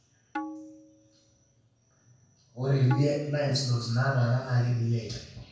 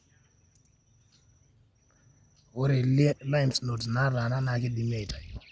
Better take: second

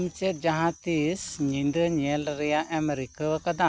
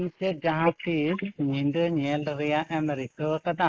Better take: first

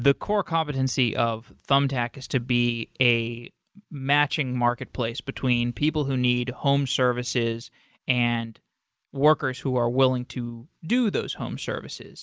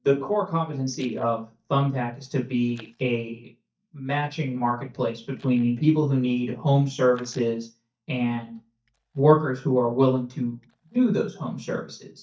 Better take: first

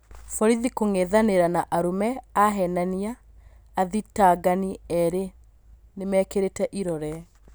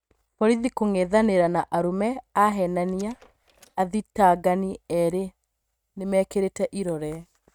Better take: first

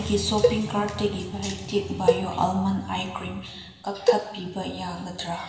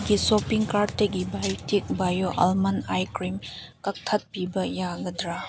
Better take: second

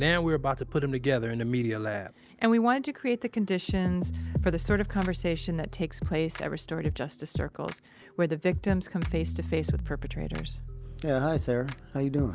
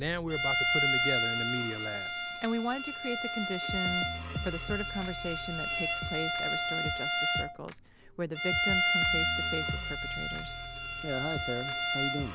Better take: first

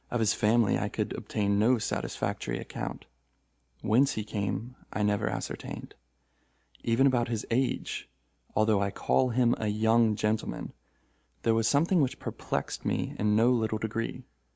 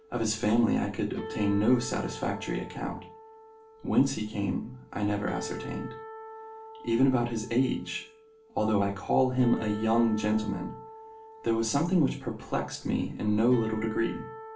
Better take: first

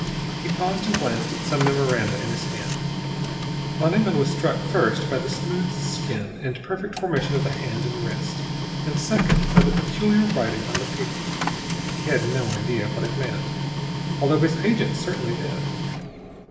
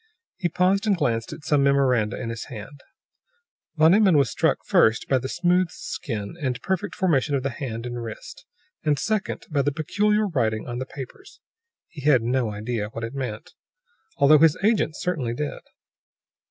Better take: second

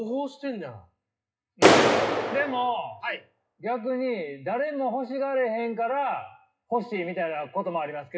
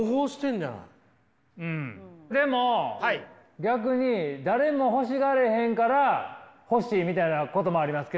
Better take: second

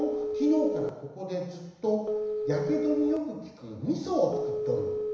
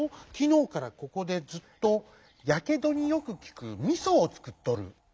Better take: second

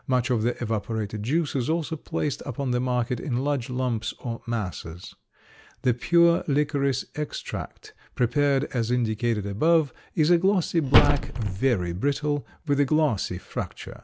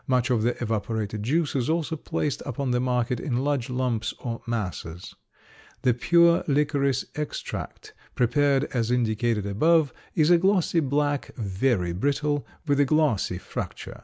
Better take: second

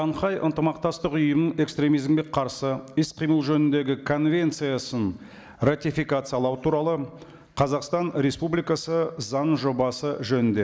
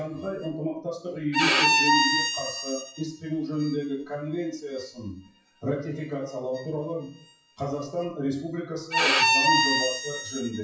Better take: first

